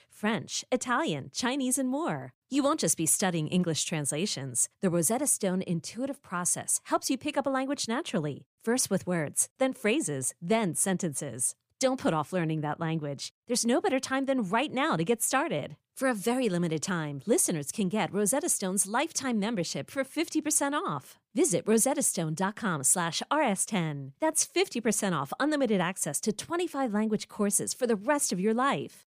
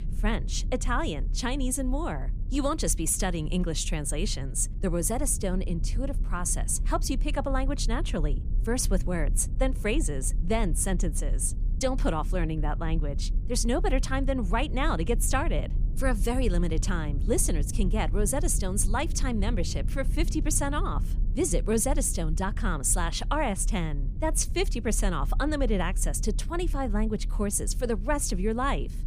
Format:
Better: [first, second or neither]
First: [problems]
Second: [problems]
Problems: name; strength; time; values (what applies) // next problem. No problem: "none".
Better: first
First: none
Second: low rumble; noticeable; throughout; 20 dB below the speech